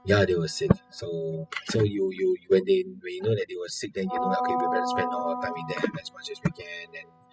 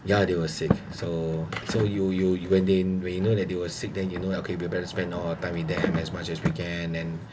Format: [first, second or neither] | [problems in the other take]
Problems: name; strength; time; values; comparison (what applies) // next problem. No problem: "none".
second | noise reduction (classical method spectral subtraction)